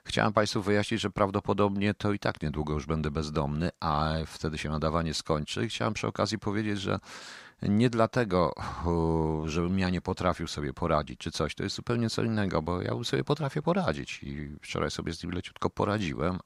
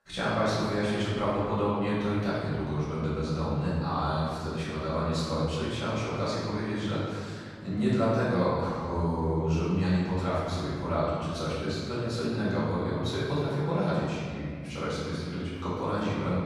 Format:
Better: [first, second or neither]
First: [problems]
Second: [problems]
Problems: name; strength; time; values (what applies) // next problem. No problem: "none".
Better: first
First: none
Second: off-mic speech; far // room echo; strong; dies away in 1.9 s